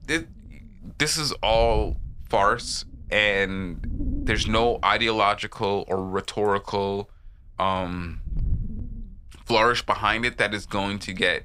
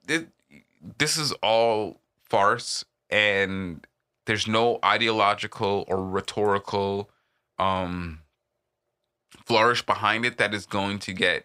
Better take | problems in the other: second | wind noise on the microphone; occasional gusts; 25 dB below the speech

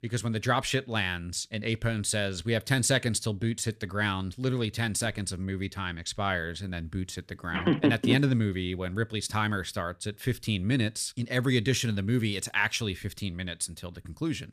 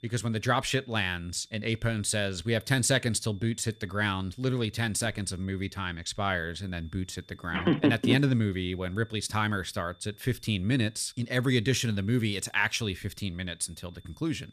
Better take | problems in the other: first | high-pitched whine; faint; throughout; 3.5 kHz, 30 dB below the speech

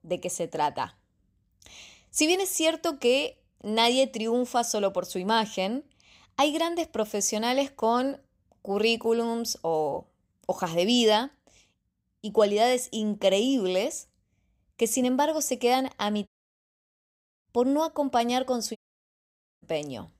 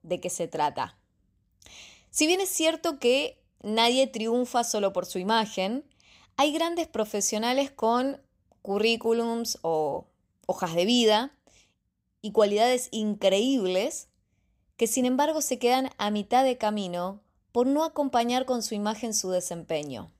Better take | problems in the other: second | audio cutting out; at 16 s for 1 s and at 19 s for 1 s

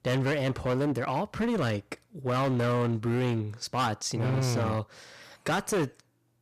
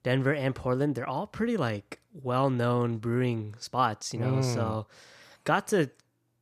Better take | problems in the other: second | distortion; heavy; 18% of the sound clipped

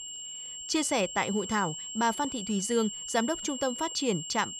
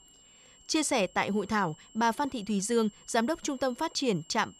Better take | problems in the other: second | high-pitched whine; loud; throughout; 7.5 kHz, 7 dB below the speech; faint in the second

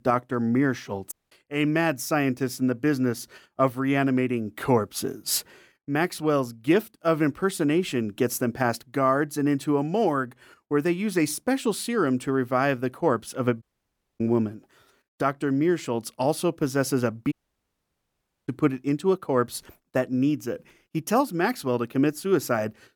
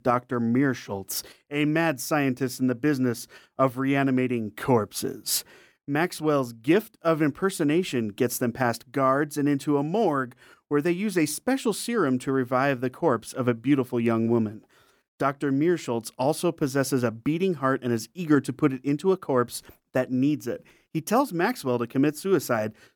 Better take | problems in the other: second | audio cutting out; at 1 s, at 14 s for 0.5 s and at 17 s for 1 s

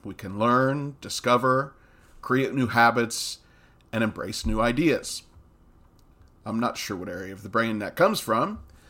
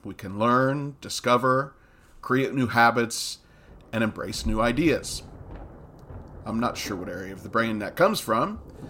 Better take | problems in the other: first | rain or running water; faint; throughout; 20 dB below the speech

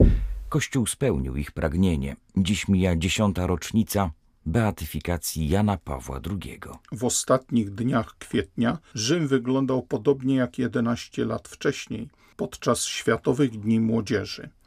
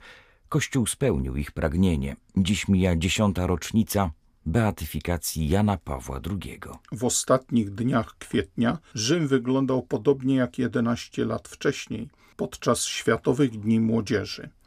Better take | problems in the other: second | door banging; loud; at the start; peak 4 dB above the speech

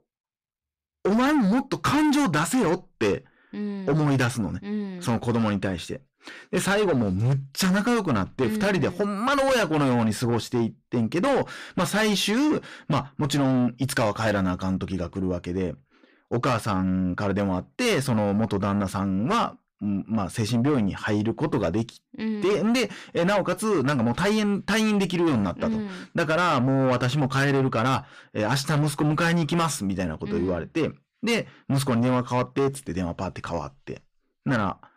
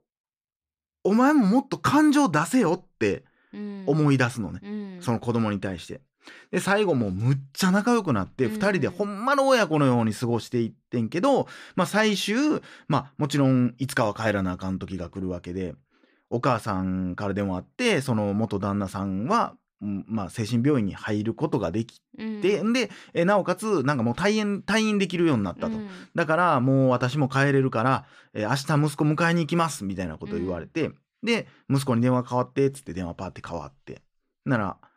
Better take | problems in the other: second | distortion; heavy; 8 dB below the speech

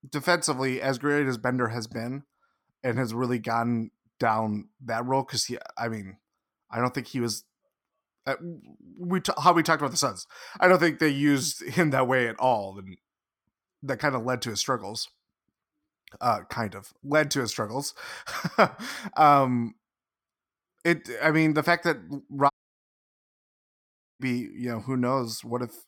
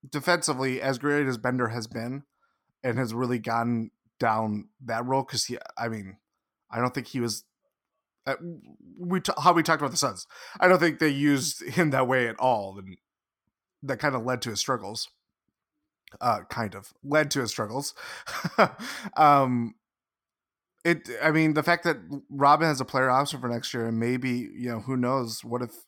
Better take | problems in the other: second | audio cutting out; at 23 s for 1.5 s

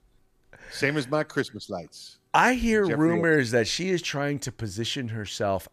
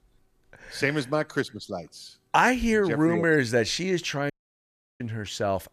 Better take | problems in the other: first | audio cutting out; at 4.5 s for 0.5 s

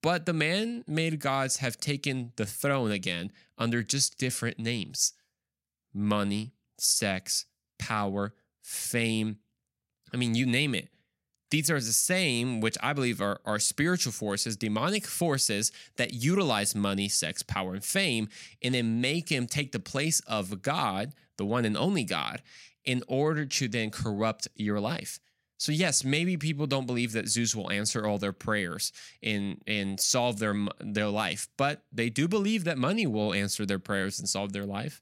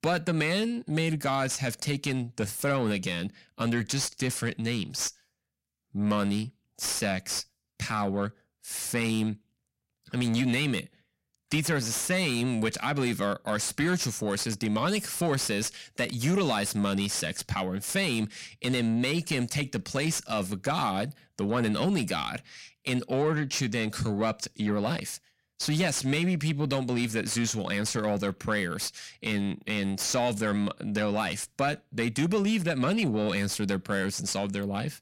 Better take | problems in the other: first | distortion; slight; 10 dB below the speech

